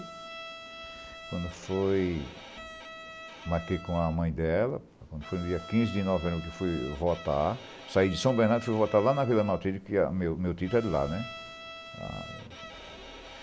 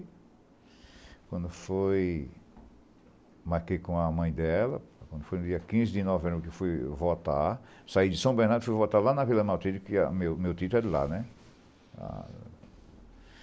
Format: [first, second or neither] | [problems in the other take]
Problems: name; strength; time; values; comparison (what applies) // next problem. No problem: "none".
second | background sound (Bowed string instrument); 15 dB below the speech